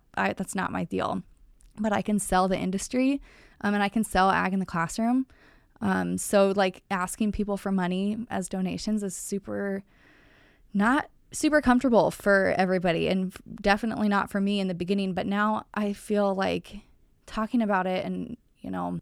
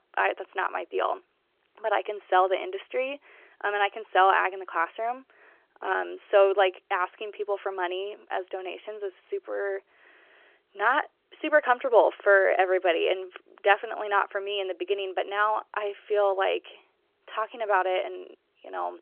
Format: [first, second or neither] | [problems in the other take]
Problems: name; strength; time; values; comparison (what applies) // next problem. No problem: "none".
first | phone-call audio